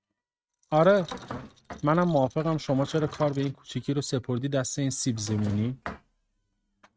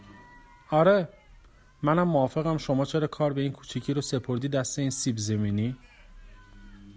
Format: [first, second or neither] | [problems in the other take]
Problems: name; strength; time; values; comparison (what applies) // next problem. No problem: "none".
second | noise reduction (neural mask model RNNoise)